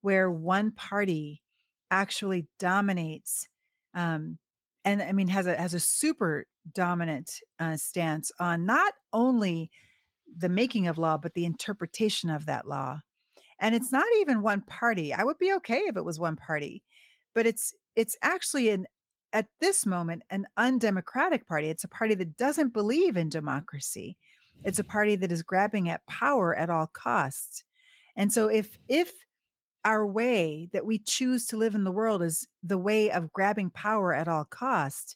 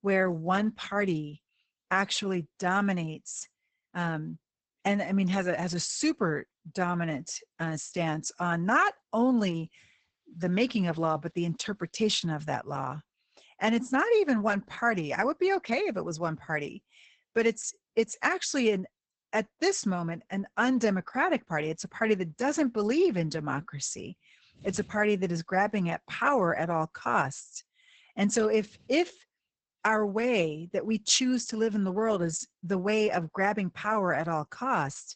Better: first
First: garbled, watery; slightly; nothing above 19 kHz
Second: garbled, watery; badly; nothing above 8 kHz

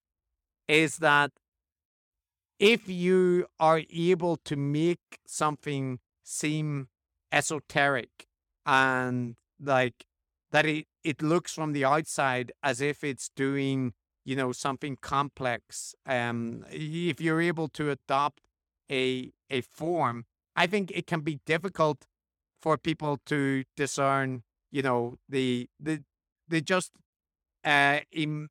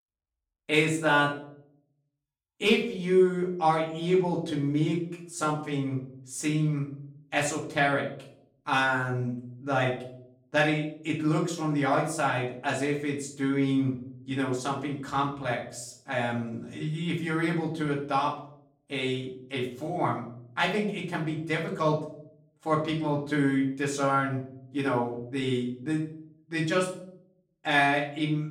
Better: first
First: none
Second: off-mic speech; far // room echo; slight; dies away in 0.5 s

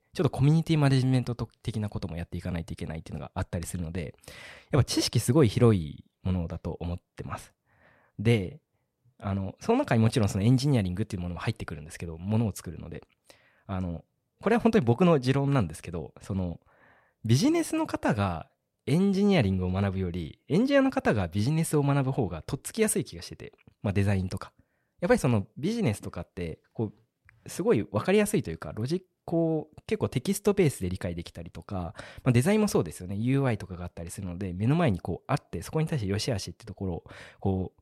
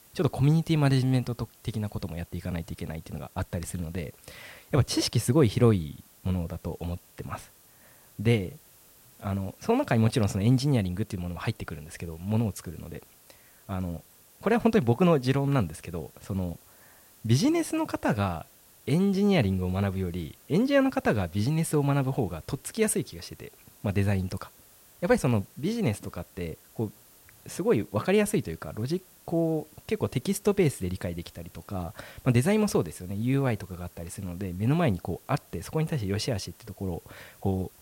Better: first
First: none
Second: hiss; faint; throughout; 25 dB below the speech

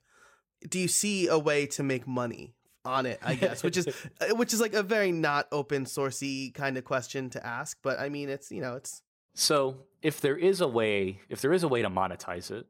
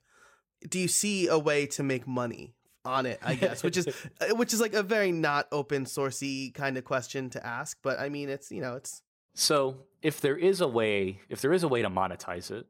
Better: neither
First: none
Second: none

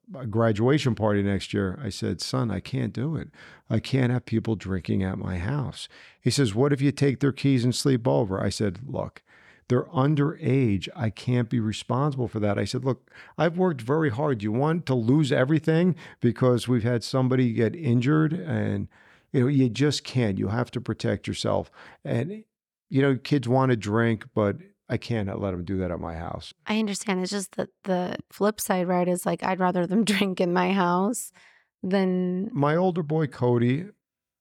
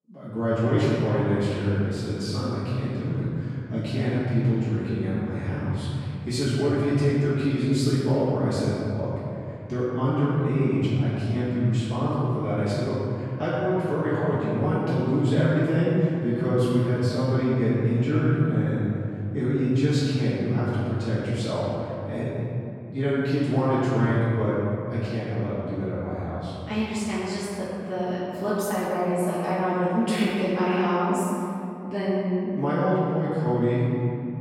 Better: first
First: none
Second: off-mic speech; far // room echo; strong; dies away in 2.6 s

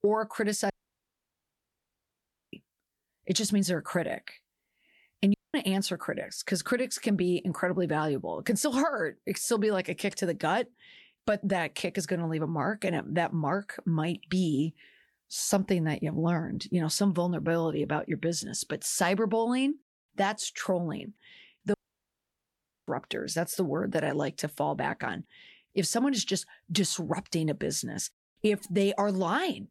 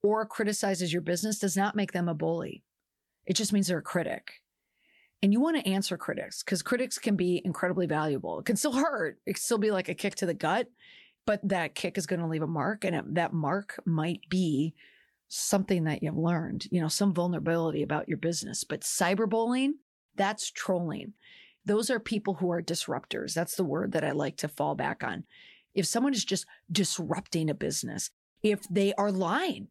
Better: second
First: audio cutting out; at 0.5 s for 2 s, at 5.5 s and at 22 s for 1 s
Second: none

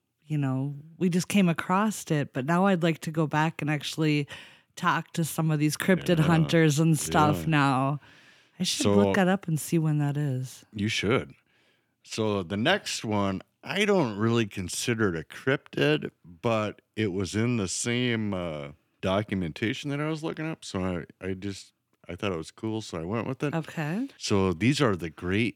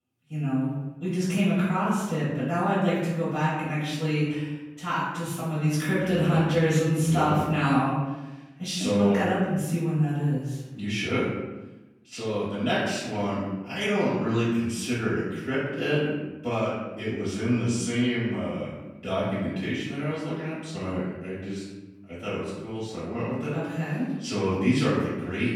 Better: first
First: none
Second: room echo; noticeable; dies away in 1 s // off-mic speech; far

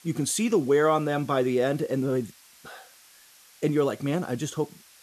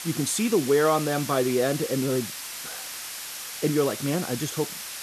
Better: first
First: hiss; faint; throughout; 25 dB below the speech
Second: hiss; loud; throughout; 8 dB below the speech

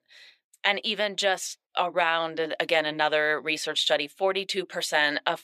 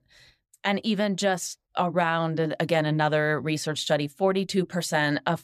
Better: second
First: thin; somewhat; fading below 450 Hz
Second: none

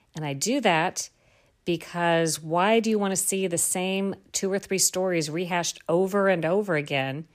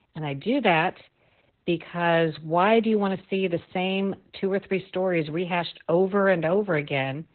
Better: first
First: none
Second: garbled, watery; badly; nothing above 4 kHz

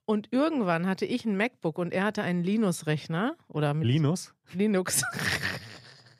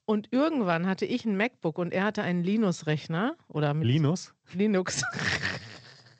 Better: first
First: none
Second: garbled, watery; slightly; nothing above 8 kHz

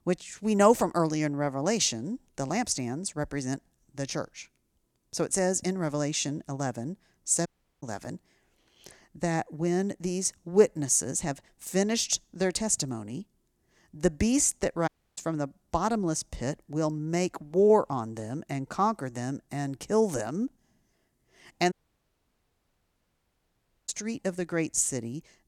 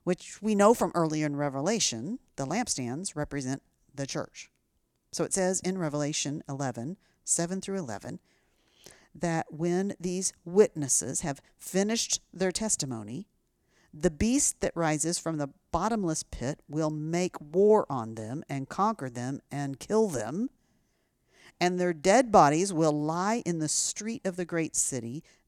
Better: second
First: audio cutting out; at 7.5 s, at 15 s and at 22 s for 2 s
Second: none

